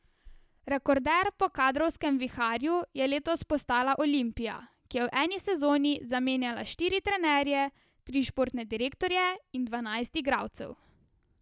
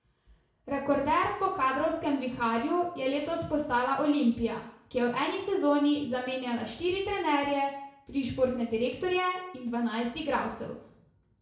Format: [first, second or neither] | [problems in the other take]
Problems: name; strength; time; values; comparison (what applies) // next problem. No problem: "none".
first | room echo; dies away in 0.6 s